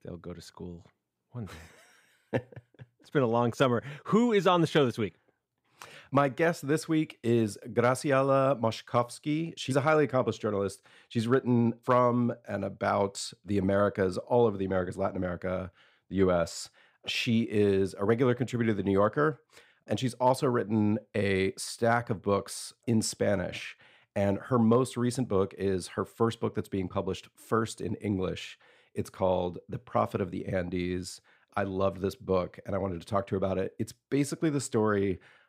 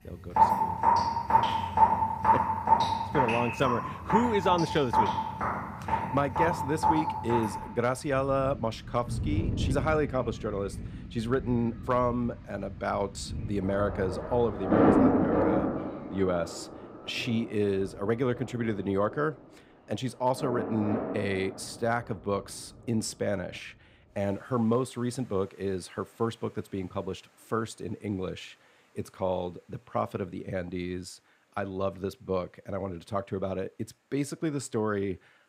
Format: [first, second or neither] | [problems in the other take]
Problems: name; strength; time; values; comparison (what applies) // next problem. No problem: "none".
first | rain or running water; very loud; throughout; 2 dB above the speech